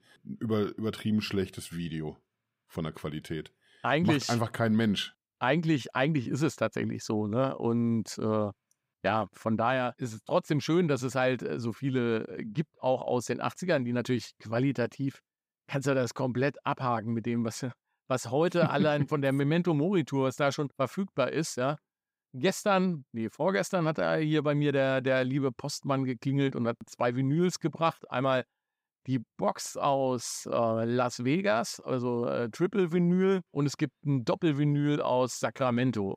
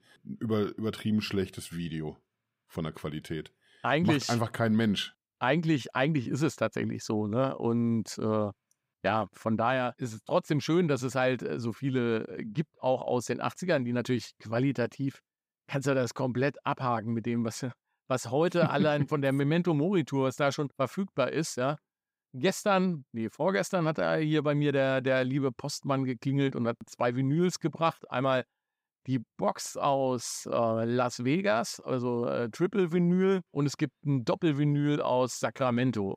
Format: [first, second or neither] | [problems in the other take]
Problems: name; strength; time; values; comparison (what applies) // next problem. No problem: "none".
neither | none